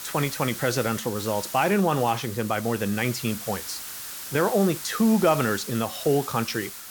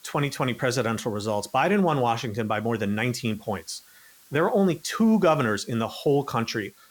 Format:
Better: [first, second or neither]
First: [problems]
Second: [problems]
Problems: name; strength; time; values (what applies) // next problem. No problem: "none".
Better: second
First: hiss; loud; throughout; 10 dB below the speech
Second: hiss; faint; throughout; 25 dB below the speech